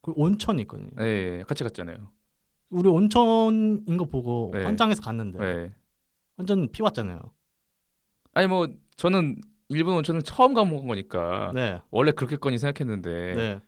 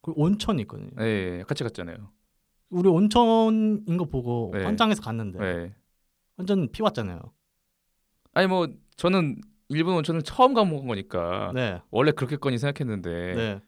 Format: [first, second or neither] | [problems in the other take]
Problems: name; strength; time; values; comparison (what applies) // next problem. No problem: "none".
second | garbled, watery; slightly